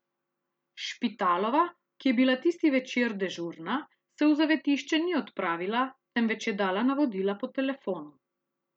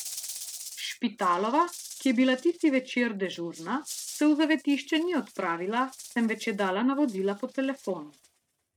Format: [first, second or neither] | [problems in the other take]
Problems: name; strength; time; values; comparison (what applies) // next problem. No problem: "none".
first | noise reduction (neural mask model RNNoise)